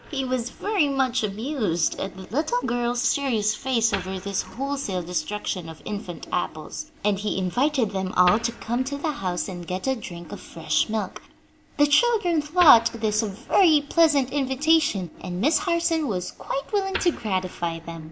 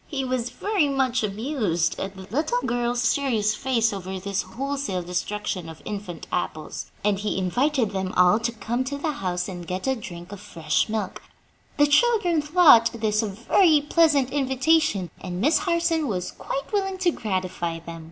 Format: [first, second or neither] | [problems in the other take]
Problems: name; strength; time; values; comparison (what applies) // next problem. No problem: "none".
second | background sound (Wood); 18 dB below the speech